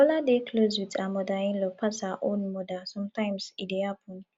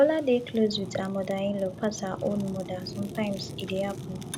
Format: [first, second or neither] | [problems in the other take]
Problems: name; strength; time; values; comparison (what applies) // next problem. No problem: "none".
first | background sound (Fire); 11 dB below the speech